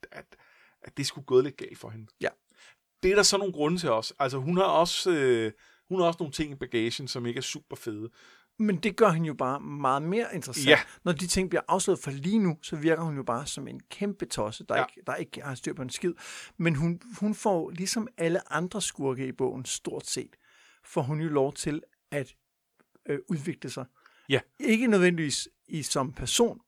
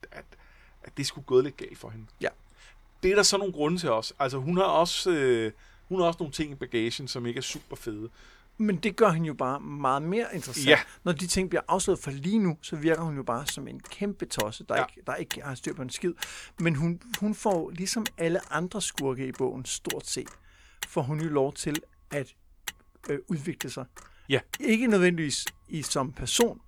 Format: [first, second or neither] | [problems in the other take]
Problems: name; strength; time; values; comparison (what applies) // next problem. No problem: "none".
first | traffic noise; noticeable; throughout; 15 dB below the speech